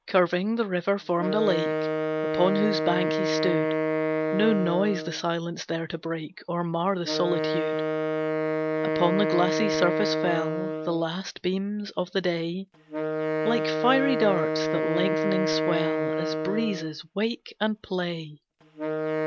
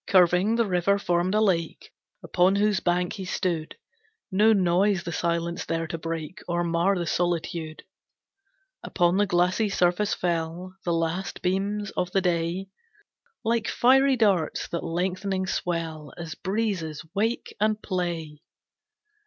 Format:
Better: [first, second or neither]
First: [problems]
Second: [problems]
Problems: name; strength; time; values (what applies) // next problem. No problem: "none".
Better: second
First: background sound (Wind instrument, woodwind instrument); as loud as the speech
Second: none